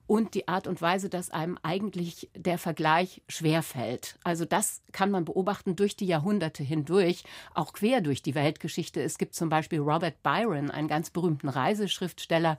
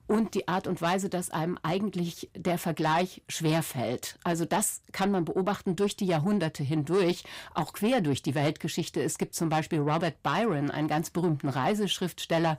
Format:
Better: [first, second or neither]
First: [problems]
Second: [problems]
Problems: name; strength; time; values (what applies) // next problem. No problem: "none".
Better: first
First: none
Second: distortion; slight; 10 dB below the speech